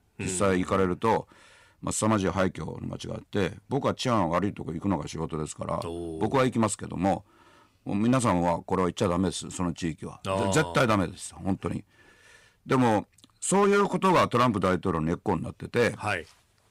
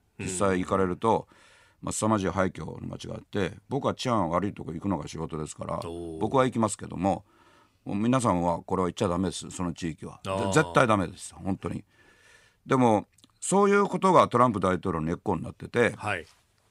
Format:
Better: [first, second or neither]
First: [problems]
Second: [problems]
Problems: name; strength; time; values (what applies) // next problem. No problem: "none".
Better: second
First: distortion; slight; 4% of the sound clipped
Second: none